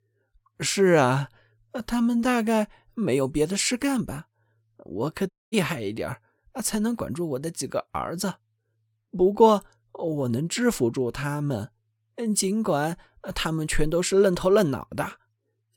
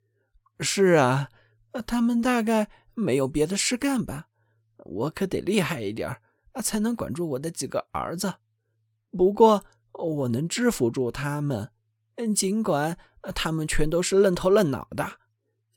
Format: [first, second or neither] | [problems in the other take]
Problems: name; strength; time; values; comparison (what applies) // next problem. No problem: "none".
second | audio cutting out; at 5.5 s